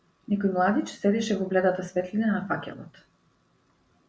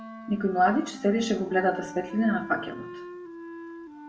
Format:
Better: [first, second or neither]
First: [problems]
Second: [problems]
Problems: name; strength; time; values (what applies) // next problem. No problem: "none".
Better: first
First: none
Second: background sound (Wind instrument, woodwind instrument); 13 dB below the speech // room echo; dies away in 0.5 s